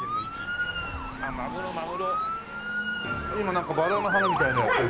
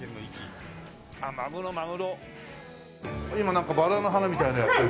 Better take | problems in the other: second | background sound (Motor vehicle (road) / Siren); as loud as the speech

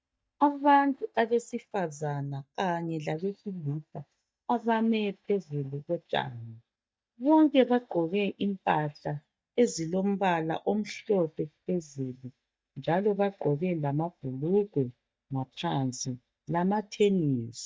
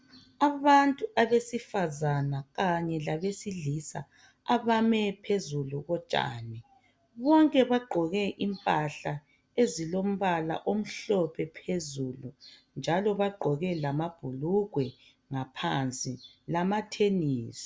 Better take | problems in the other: second | noise reduction (neural mask model DeepFilterNet 3)

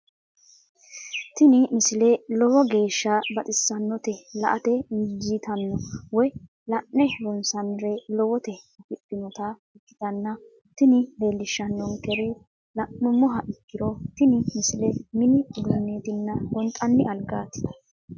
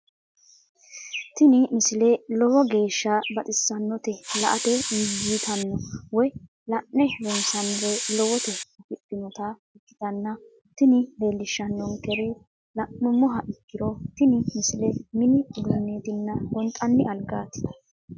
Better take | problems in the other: first | background sound (Hiss); 4 dB below the speech

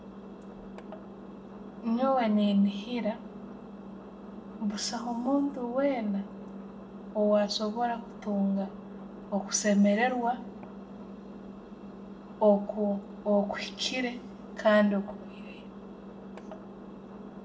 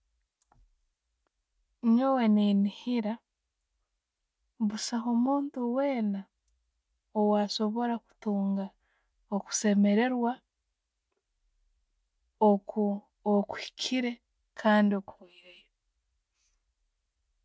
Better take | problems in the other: second | background sound (Engine); 13 dB below the speech // room echo; dies away in 0.6 s

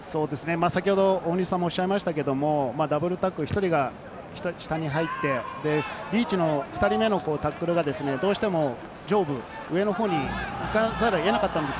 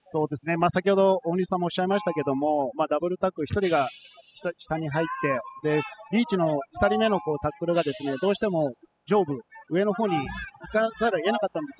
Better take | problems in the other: first | noise reduction (classical method spectral subtraction)

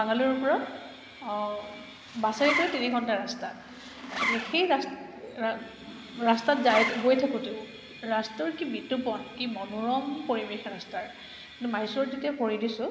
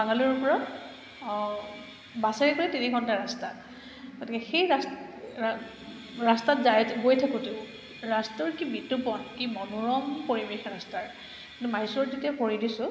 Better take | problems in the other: second | background sound (Zipper (clothing)); 6 dB below the speech

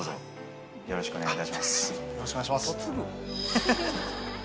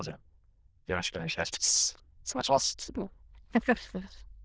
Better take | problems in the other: first | noise reduction (neural diffusion model UNIVERSE++)

